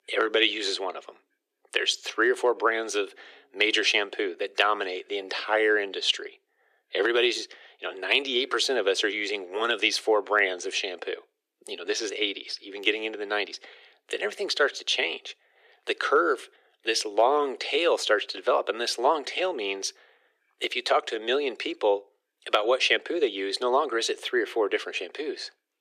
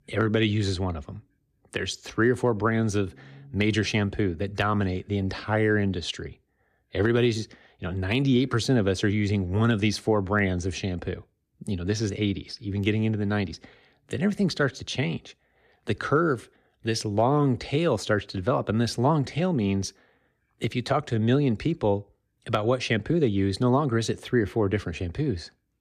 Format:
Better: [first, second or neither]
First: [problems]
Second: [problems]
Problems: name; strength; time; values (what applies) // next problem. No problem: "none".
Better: second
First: thin; very; fading below 400 Hz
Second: none